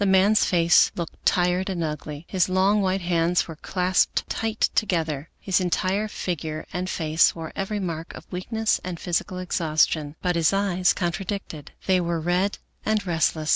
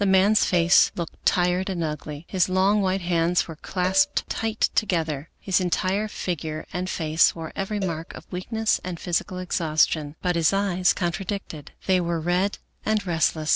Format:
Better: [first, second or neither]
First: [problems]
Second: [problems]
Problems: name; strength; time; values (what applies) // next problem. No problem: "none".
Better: first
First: none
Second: background sound (Cowbell); 18 dB below the speech